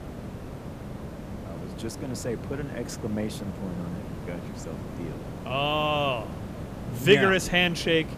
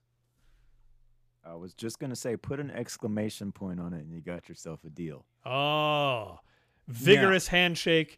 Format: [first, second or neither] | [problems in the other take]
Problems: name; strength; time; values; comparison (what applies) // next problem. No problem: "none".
second | hiss; noticeable; throughout; 10 dB below the speech